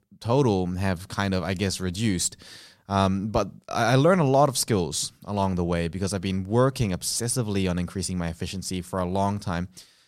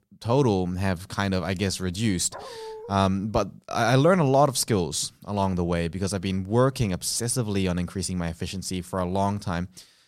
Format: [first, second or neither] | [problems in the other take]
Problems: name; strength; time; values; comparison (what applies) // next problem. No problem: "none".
first | dog barking; faint; at 2.5 s; peak 15 dB below the speech